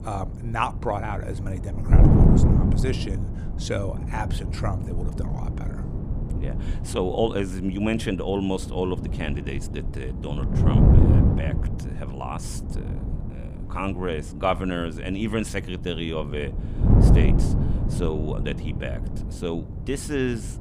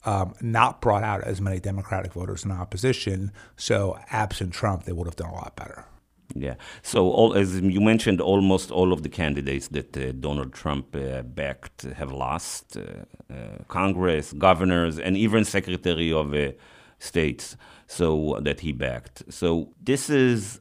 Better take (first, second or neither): second